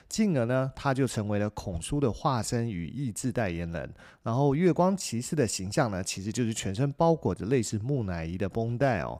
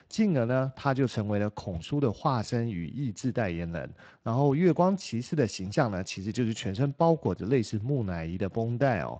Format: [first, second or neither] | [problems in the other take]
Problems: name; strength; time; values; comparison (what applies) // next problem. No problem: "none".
first | garbled, watery; slightly; nothing above 8 kHz